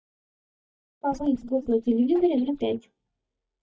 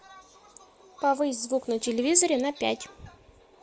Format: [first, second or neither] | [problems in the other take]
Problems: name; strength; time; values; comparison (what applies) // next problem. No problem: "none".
second | noise reduction (neural mask model DeepFilterNet 3)